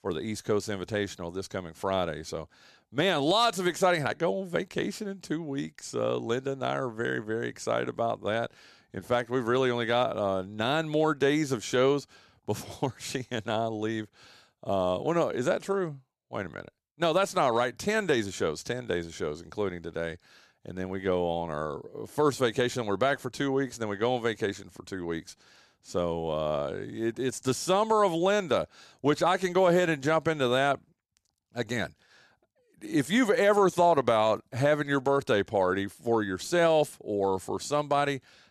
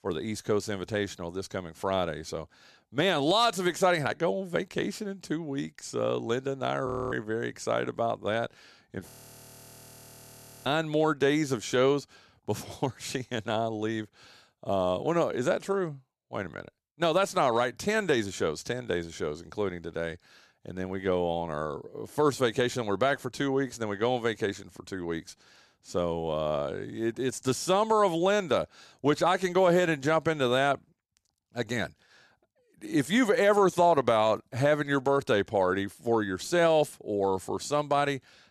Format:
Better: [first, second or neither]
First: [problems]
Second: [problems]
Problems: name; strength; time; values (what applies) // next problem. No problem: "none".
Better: first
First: none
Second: audio freezing; at 7 s and at 9 s for 1.5 s